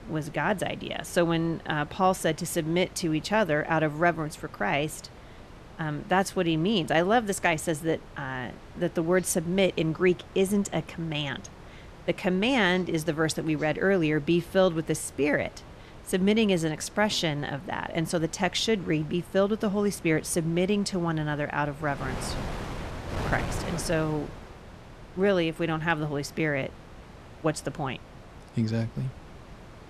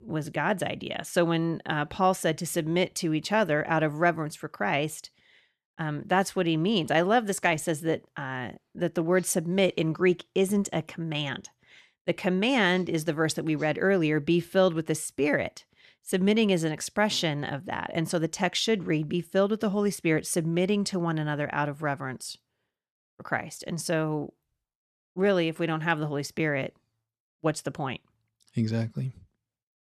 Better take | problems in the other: second | wind noise on the microphone; occasional gusts; 15 dB below the speech

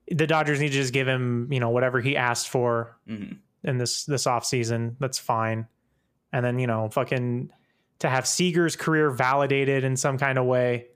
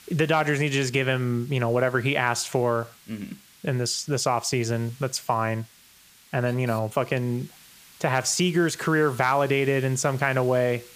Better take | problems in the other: first | hiss; faint; throughout; 25 dB below the speech

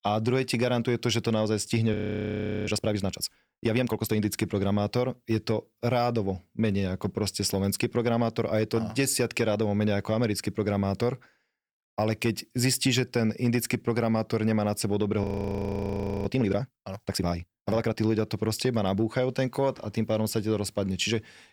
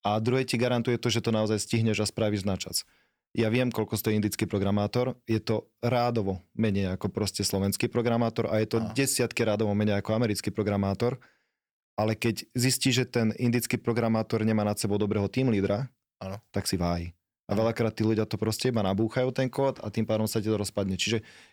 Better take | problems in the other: second | audio freezing; at 2 s for 0.5 s and at 15 s for 1 s

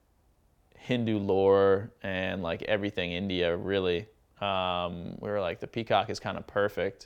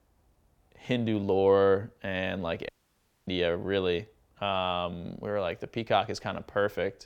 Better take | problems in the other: first | audio cutting out; at 2.5 s for 0.5 s

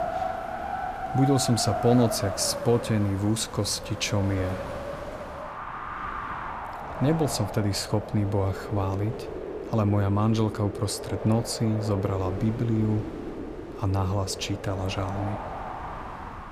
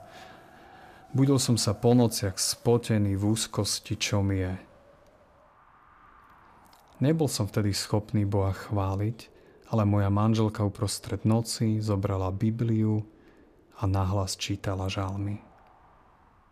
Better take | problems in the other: second | wind in the background; loud; throughout; 8 dB below the speech; faint in the second

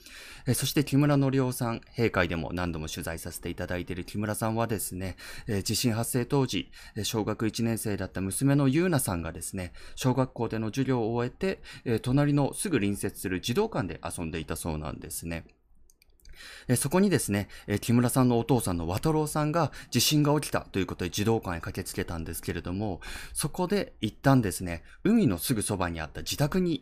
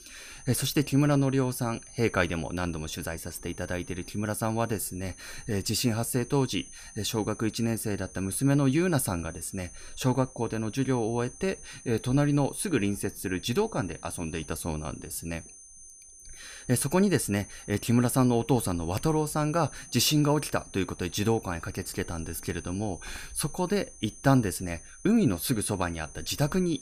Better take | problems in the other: first | high-pitched whine; noticeable; throughout; 6.5 kHz, 20 dB below the speech

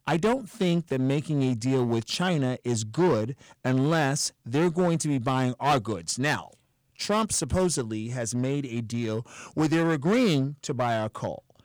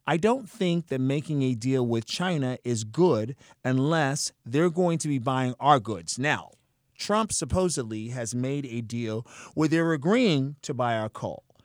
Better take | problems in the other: second | distortion; slight; 8% of the sound clipped

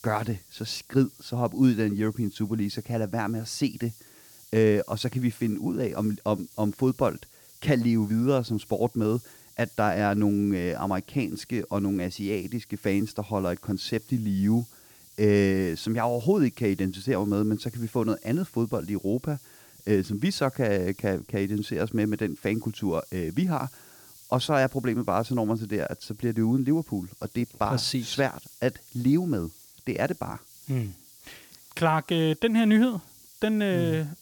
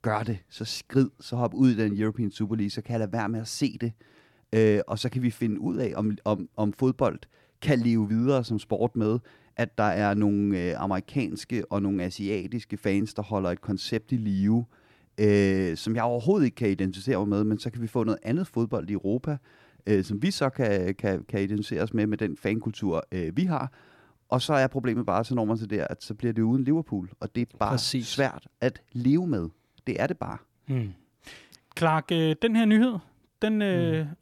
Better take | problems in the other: second | hiss; faint; throughout; 20 dB below the speech

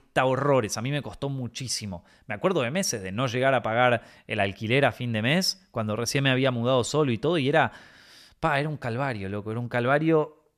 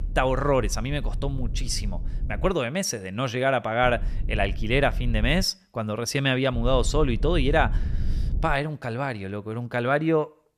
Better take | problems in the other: first | low rumble; faint; until 2.5 s, from 4 to 5.5 s and from 6.5 to 8.5 s; 25 dB below the speech

